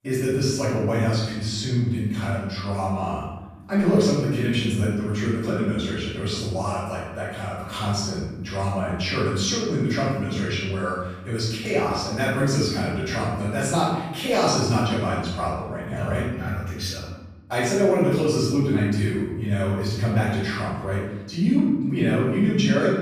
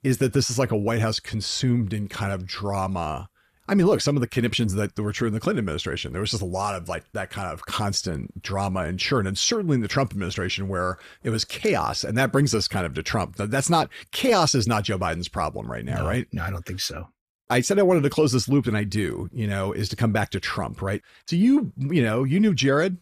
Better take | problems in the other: second | off-mic speech; far // room echo; strong; dies away in 1 s

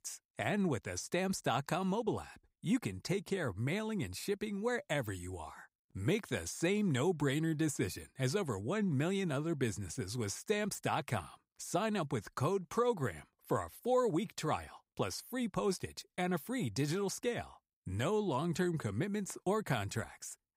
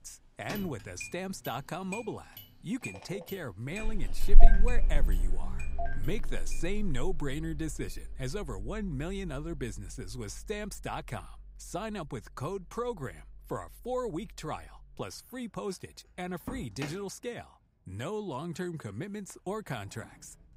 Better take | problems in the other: first | traffic noise; very loud; throughout; 2 dB above the speech

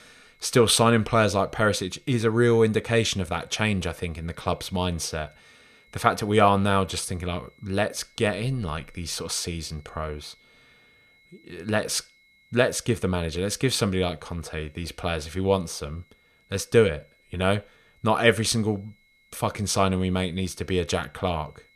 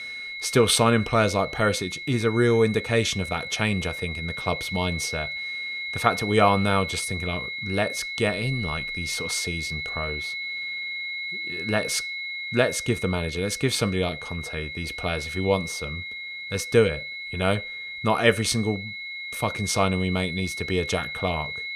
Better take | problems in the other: first | high-pitched whine; loud; throughout; 2 kHz, 6 dB below the speech; faint in the first

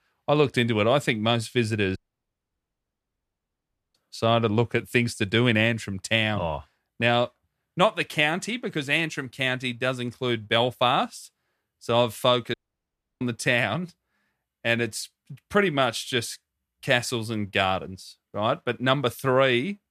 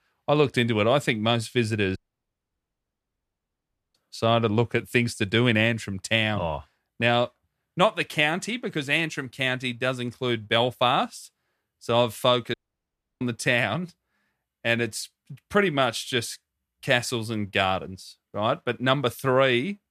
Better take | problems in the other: neither | audio cutting out; at 2 s for 2 s and at 13 s for 0.5 s; the same in both

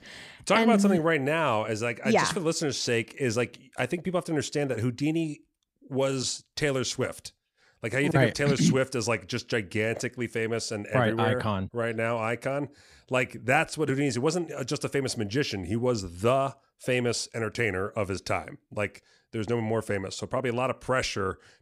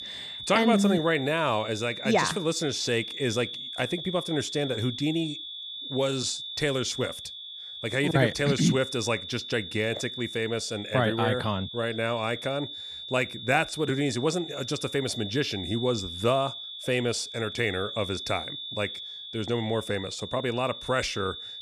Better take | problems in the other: first | high-pitched whine; loud; throughout; 3.5 kHz, 8 dB below the speech

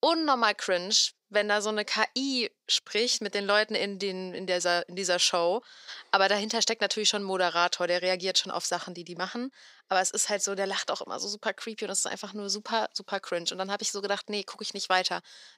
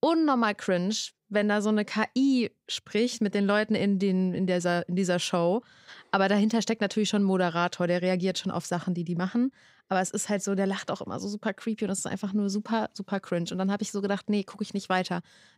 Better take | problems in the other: second | thin; somewhat; fading below 500 Hz

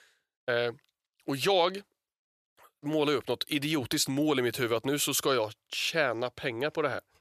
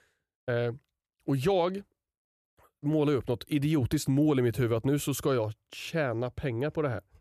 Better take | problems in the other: second | thin; somewhat; fading below 800 Hz

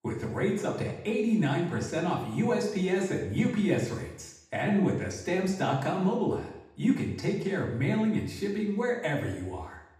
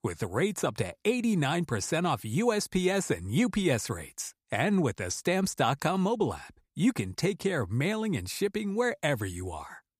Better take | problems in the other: second | room echo; noticeable; dies away in 0.8 s // off-mic speech; far

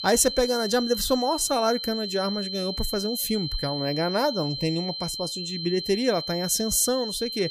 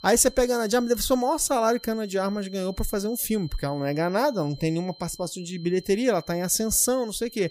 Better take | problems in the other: second | high-pitched whine; loud; throughout; 4 kHz, 5 dB below the speech; faint in the second

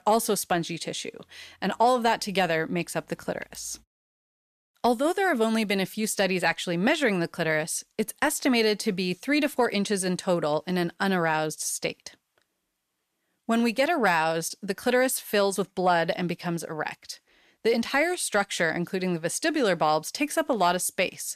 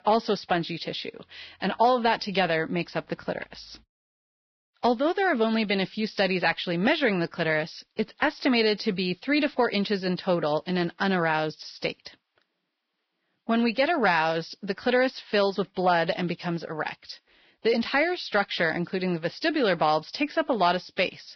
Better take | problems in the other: first | garbled, watery; badly; nothing above 5.5 kHz

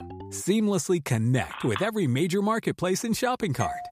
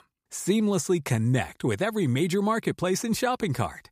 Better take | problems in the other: second | phone ringing; faint; at the start; peak 15 dB below the speech // phone ringing; noticeable; at 1.5 s; peak 10 dB below the speech // doorbell; very faint; at 3.5 s; peak 8 dB below the speech

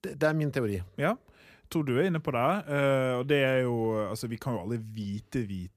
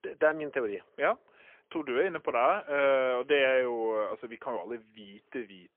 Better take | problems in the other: first | phone-call audio; poor line; nothing above 3 kHz

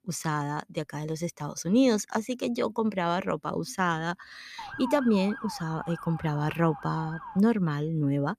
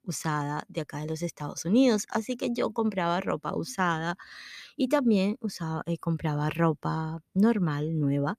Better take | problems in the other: second | siren; noticeable; from 4.5 to 7.5 s; peak 10 dB below the speech

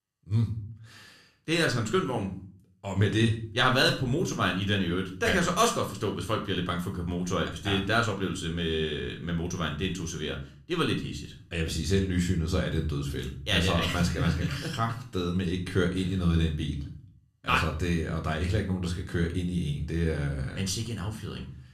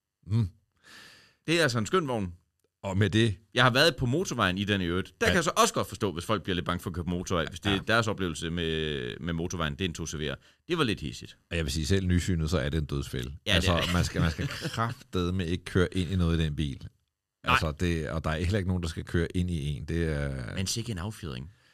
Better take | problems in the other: second | room echo; slight; dies away in 0.4 s // off-mic speech; somewhat distant

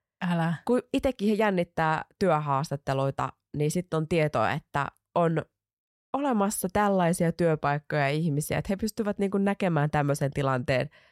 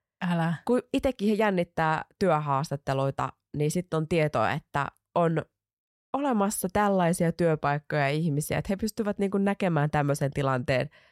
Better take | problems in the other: neither | none

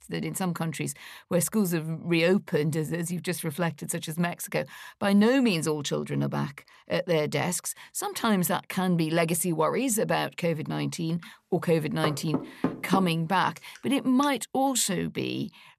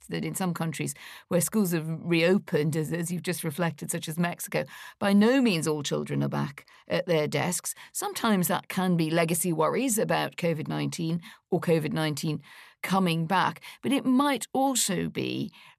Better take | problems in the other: second | door banging; noticeable; from 12 to 14 s; peak 3 dB below the speech

